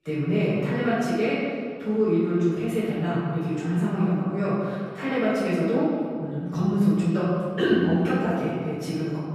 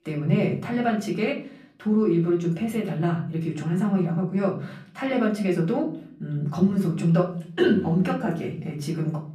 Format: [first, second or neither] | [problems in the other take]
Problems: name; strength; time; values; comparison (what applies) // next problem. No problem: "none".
second | room echo; strong; dies away in 1.9 s; slight in the second // off-mic speech; far; far in the second